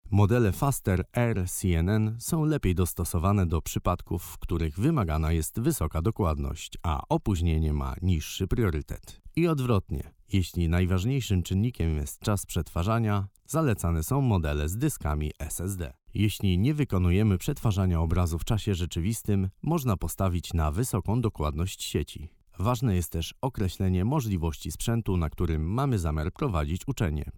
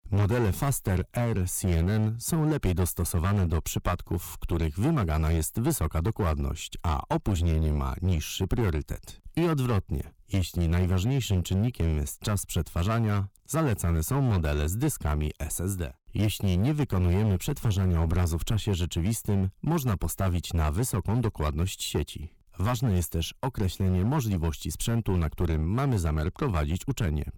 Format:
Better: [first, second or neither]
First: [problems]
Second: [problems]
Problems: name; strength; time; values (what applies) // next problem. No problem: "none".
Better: first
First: none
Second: distortion; slight; 10% of the sound clipped